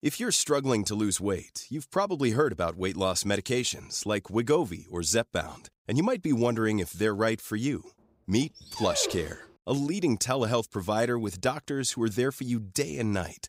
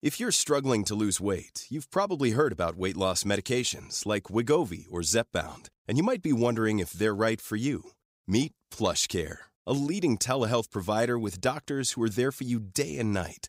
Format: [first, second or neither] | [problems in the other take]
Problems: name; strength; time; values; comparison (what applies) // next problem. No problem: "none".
second | dog barking; noticeable; at 8.5 s; peak 6 dB below the speech